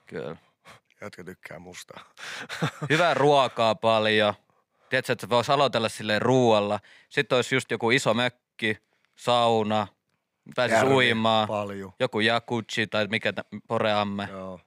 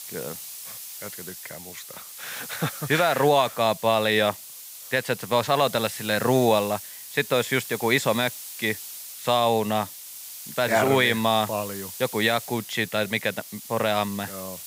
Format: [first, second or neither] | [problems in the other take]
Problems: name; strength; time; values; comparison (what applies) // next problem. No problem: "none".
first | hiss; noticeable; throughout; 15 dB below the speech